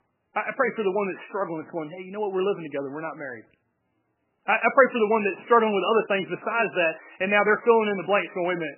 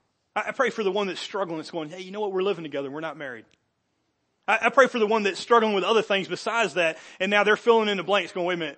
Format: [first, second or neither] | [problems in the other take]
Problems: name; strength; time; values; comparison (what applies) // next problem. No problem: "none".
second | garbled, watery; badly; nothing above 3 kHz; slightly in the second